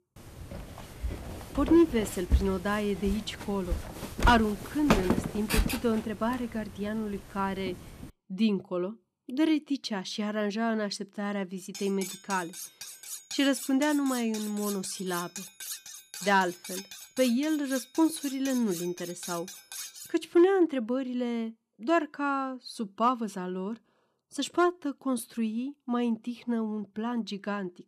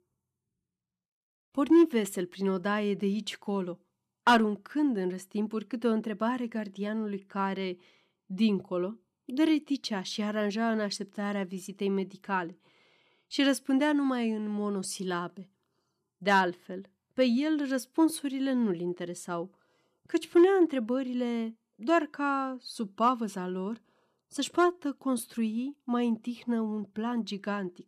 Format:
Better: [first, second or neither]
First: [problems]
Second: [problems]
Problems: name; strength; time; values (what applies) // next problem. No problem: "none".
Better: second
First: footsteps; loud; from 1 to 7.5 s; peak 3 dB above the speech // clattering dishes; noticeable; from 12 to 20 s; peak 8 dB below the speech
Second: none